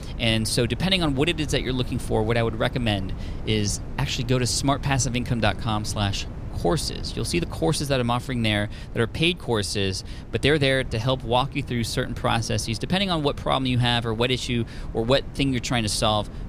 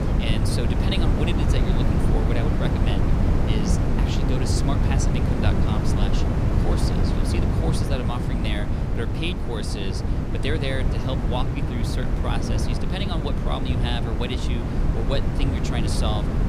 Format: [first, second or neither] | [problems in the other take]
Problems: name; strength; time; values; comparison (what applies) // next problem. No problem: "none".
first | wind noise on the microphone; heavy; 1 dB above the speech; occasional gusts in the first